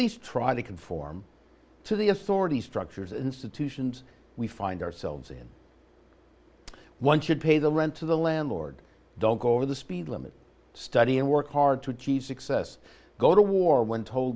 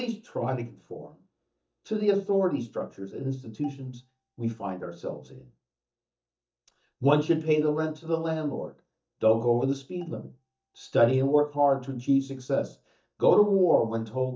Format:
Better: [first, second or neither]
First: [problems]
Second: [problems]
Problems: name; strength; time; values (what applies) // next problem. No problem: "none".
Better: first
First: none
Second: noise reduction (neural mask model DeepFilterNet 3)